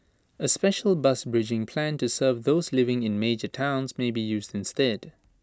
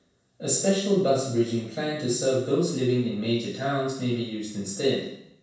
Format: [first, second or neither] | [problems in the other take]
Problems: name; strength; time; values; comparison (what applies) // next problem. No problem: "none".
first | room echo; dies away in 0.7 s